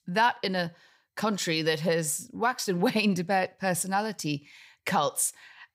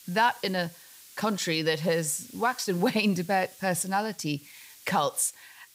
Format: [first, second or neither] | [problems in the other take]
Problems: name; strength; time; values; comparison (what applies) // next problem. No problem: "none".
first | hiss; faint; throughout; 20 dB below the speech